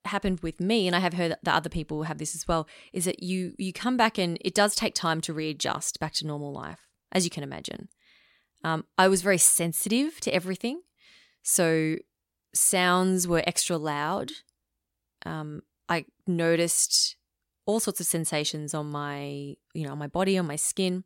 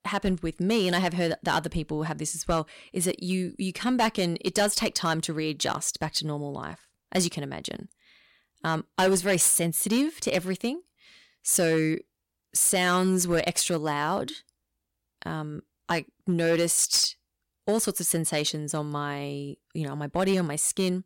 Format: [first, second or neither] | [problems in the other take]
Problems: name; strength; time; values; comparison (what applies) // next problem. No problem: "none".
first | distortion; slight; 3% of the sound clipped